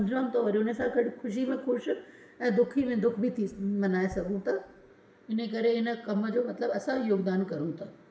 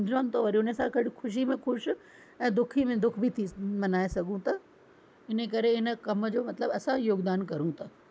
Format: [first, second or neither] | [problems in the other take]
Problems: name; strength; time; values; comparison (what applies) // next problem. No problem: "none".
second | room echo; dies away in 1 s